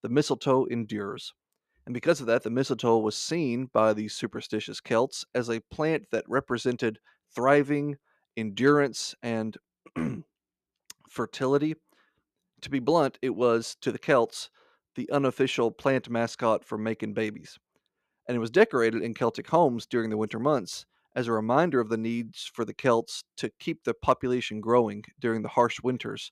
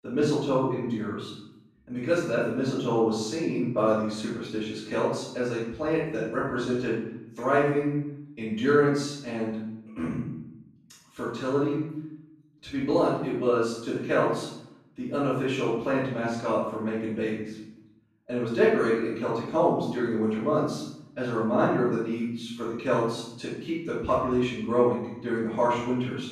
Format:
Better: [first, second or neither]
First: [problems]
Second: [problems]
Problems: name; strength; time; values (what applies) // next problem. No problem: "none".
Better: first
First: none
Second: off-mic speech; far // room echo; noticeable; dies away in 0.8 s